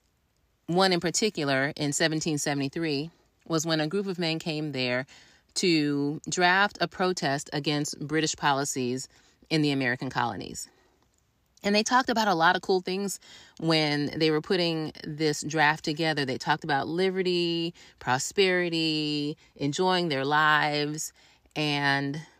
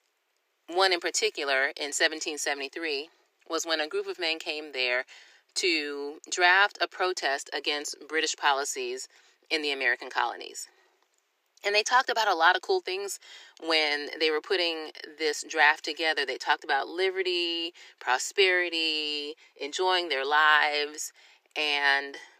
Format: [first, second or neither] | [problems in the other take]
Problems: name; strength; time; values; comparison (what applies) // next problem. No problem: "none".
first | thin; very; fading below 350 Hz